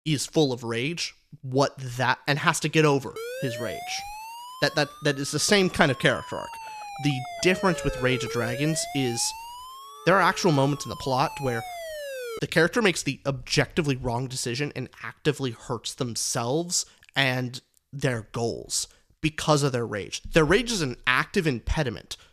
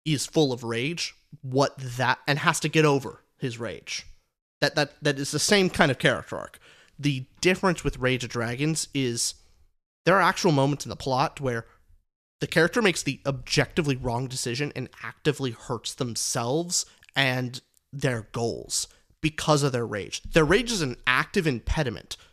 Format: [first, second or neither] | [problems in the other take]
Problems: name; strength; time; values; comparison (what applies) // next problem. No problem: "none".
second | siren; noticeable; from 3 to 12 s; peak 8 dB below the speech